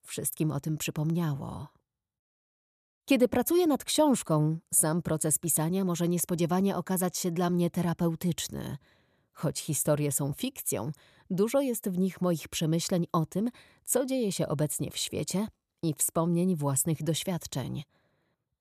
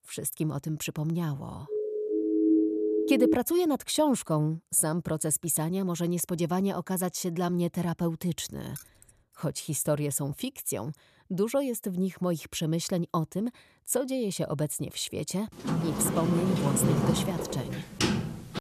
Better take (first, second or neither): first